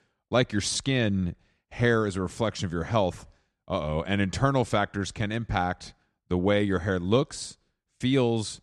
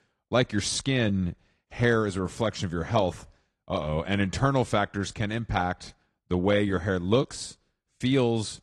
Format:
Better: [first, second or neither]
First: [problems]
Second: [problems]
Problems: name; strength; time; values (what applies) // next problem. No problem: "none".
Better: first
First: none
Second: garbled, watery; slightly